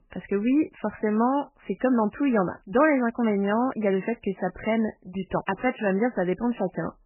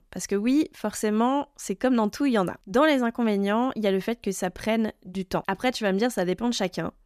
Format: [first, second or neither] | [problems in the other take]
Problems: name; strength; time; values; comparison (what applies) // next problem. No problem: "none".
second | garbled, watery; badly; nothing above 3 kHz